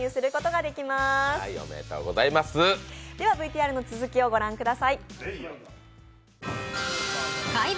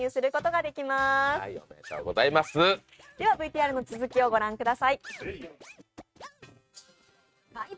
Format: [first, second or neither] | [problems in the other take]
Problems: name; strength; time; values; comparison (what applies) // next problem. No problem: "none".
first | noise reduction (neural mask model RNNoise)